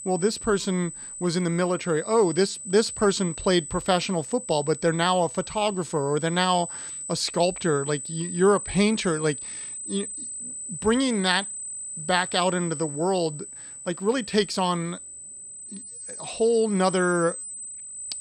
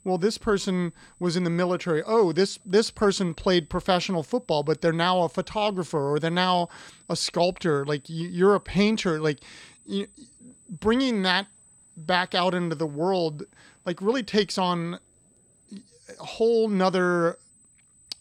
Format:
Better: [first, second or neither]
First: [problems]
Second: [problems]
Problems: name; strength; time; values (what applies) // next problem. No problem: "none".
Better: second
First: high-pitched whine; loud; throughout; 8 kHz, 9 dB below the speech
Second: high-pitched whine; faint; throughout; 8 kHz, 30 dB below the speech